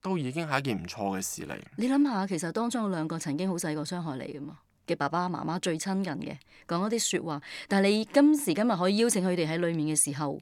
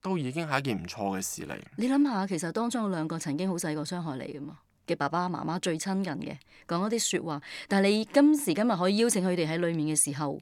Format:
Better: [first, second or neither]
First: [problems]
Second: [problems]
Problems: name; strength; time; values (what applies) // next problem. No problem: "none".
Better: neither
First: none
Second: none